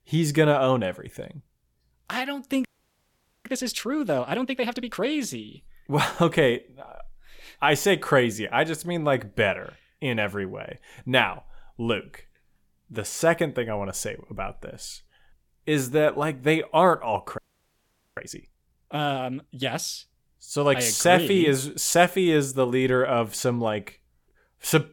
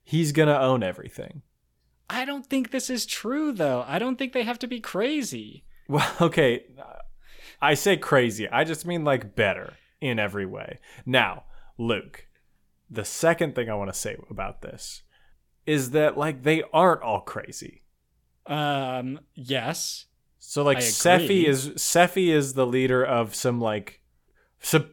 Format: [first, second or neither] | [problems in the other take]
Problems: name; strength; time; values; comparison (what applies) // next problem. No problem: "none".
second | audio freezing; at 2.5 s for 1 s and at 17 s for 1 s